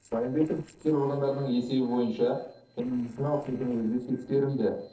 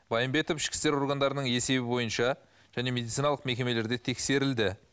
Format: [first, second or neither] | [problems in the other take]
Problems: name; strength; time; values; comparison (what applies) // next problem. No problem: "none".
second | noise reduction (neural separator model SepFormer DNS4)